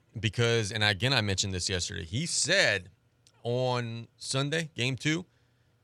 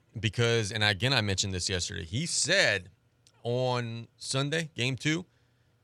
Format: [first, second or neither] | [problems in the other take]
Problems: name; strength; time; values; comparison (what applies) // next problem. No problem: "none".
neither | none